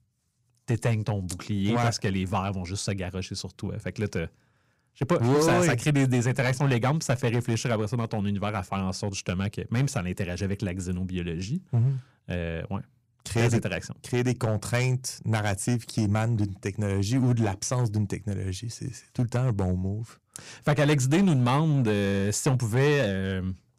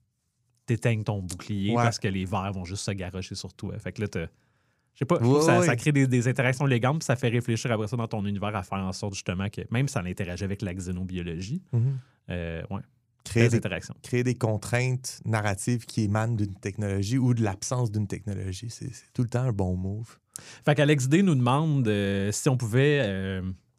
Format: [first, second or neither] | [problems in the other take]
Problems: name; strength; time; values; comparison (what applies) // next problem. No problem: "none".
second | distortion; slight; 5% of the sound clipped